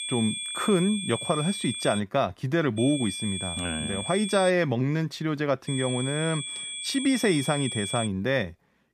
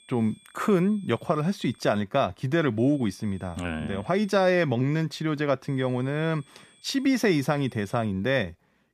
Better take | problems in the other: second | high-pitched whine; loud; until 2 s, from 3 to 4.5 s and from 5.5 to 8 s; 3.5 kHz, 6 dB below the speech; faint in the second

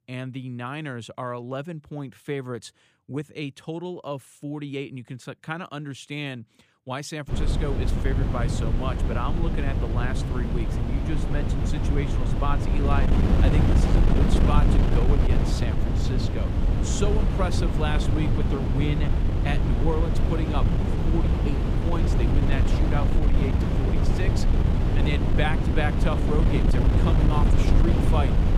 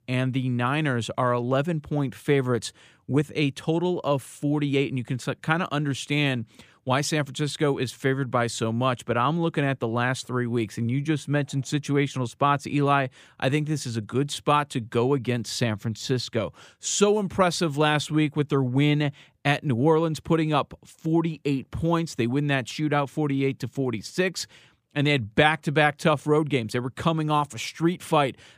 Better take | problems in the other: second | wind noise on the microphone; heavy; from 7.5 s on; as loud as the speech

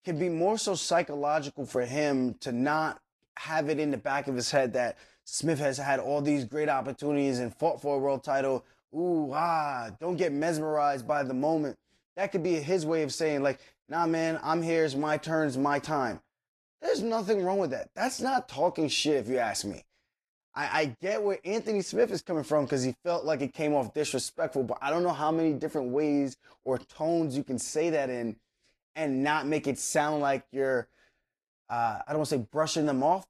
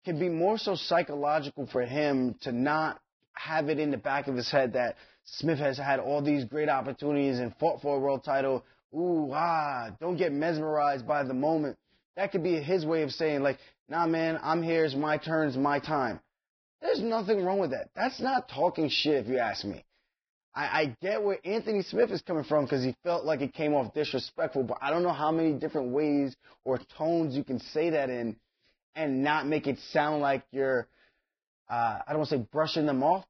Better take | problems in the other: first | garbled, watery; badly; nothing above 5.5 kHz; slightly in the first

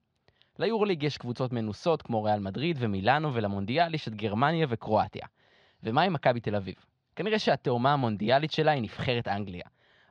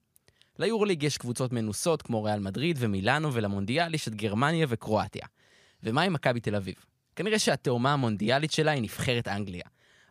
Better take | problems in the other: second | muffled; slightly; fading above 4 kHz

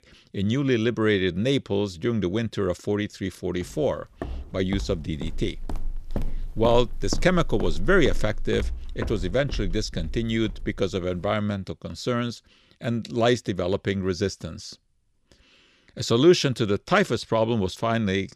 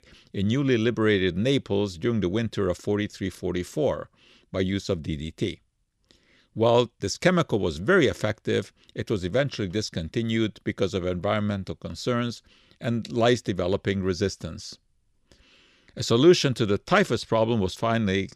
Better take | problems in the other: second | footsteps; noticeable; from 4 to 11 s; peak 8 dB below the speech

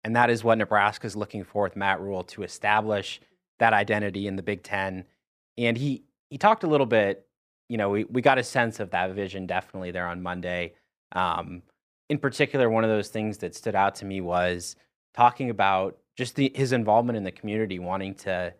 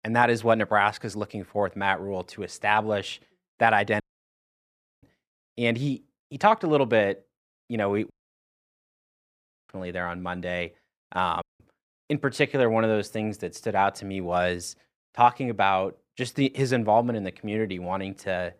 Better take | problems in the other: first | audio cutting out; at 4 s for 1 s, at 8 s for 1.5 s and at 11 s

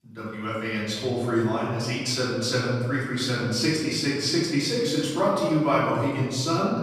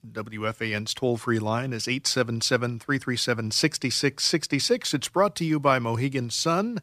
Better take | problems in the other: second | room echo; noticeable; dies away in 1.6 s // off-mic speech; far

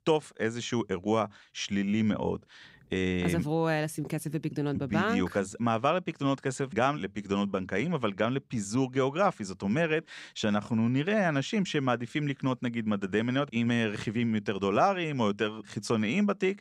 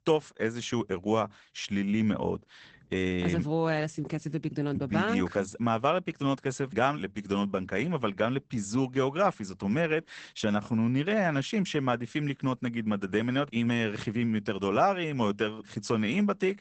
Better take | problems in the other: first | garbled, watery; badly; nothing above 8 kHz

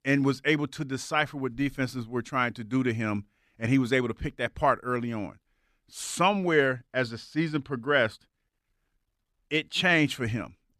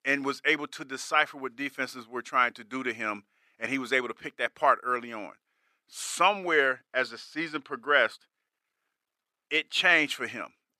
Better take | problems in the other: first | thin; somewhat; fading below 450 Hz

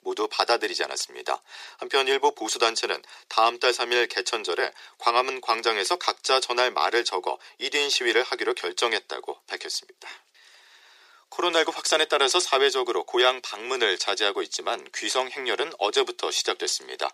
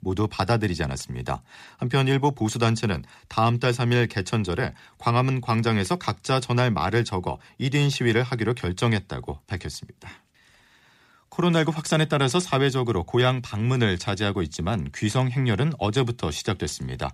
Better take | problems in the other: second | thin; very; fading below 400 Hz

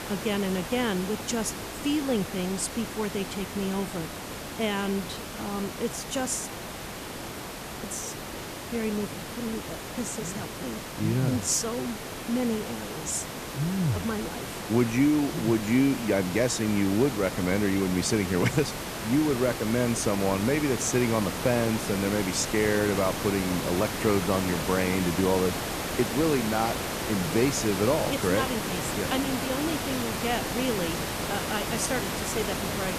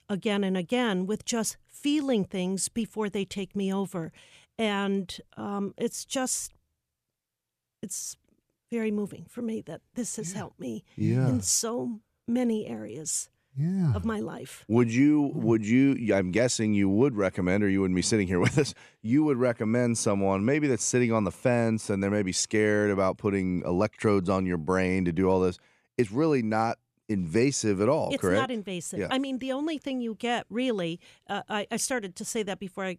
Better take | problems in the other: second | hiss; loud; throughout; 5 dB below the speech

